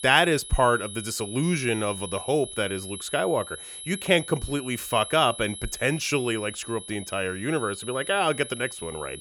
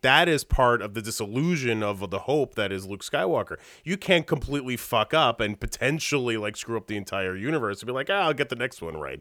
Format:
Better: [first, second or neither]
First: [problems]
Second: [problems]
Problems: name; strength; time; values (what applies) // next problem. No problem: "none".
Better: second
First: high-pitched whine; noticeable; throughout; 11 kHz, 10 dB below the speech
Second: none